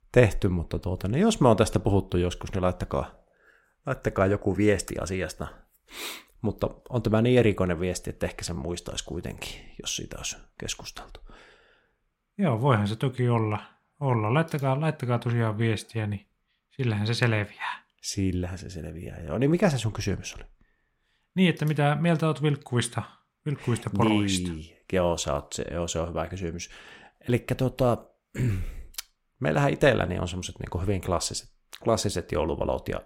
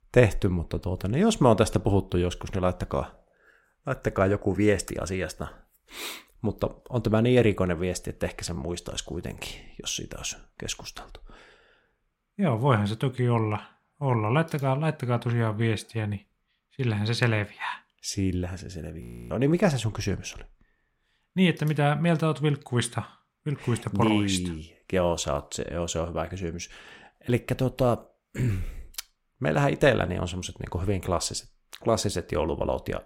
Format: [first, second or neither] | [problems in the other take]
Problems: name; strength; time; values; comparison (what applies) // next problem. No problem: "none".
first | audio freezing; at 19 s